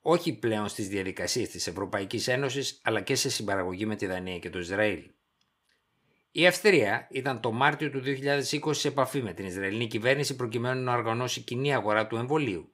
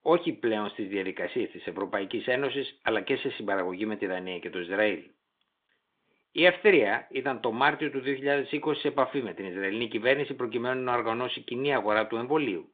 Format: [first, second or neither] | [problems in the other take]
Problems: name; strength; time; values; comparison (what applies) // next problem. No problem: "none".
first | phone-call audio; nothing above 3.5 kHz